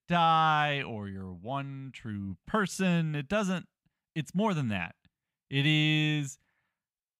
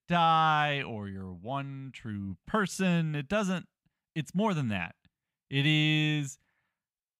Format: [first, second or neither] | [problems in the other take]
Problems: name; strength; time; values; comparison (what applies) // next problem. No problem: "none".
neither | none